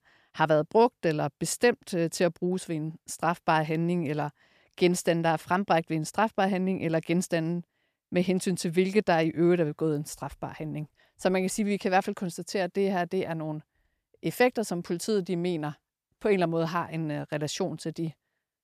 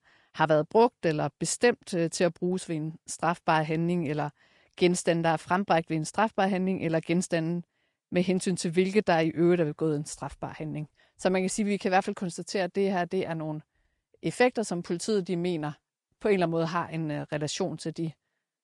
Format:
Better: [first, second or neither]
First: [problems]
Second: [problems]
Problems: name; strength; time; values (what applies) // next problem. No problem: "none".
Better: first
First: none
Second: garbled, watery; slightly; nothing above 10 kHz